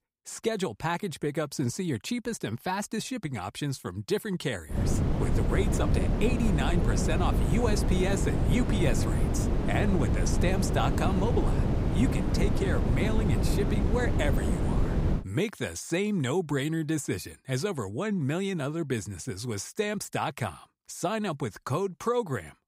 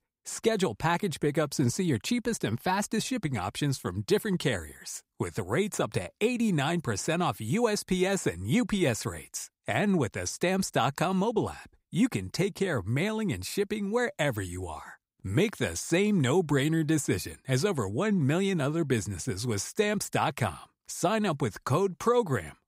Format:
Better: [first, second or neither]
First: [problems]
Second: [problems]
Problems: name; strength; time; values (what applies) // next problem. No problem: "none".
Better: second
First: wind noise on the microphone; heavy; from 4.5 to 15 s; 3 dB below the speech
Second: none